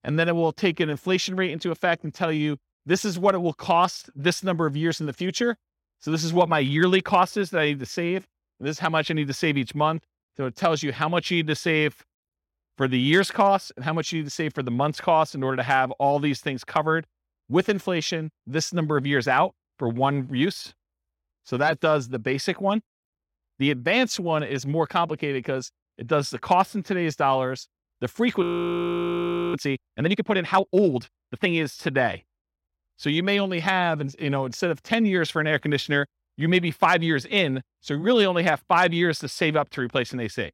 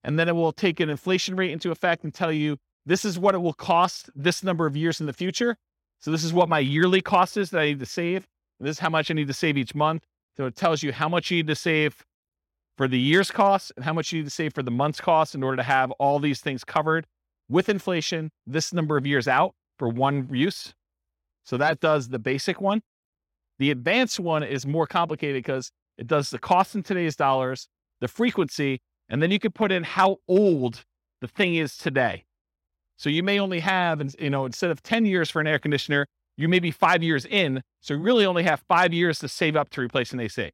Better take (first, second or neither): second